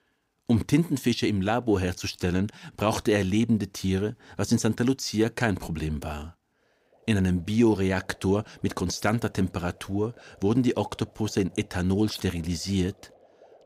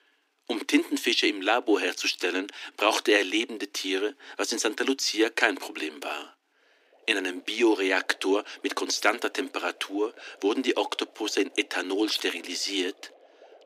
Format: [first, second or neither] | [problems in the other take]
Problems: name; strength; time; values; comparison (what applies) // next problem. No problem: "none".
first | thin; somewhat; fading below 300 Hz